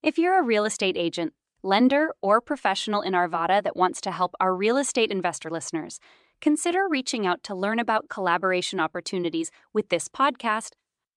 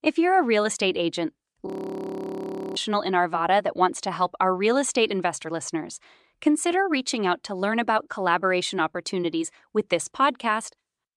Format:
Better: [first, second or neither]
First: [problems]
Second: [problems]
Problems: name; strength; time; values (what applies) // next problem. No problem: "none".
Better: first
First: none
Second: audio freezing; at 1.5 s for 1 s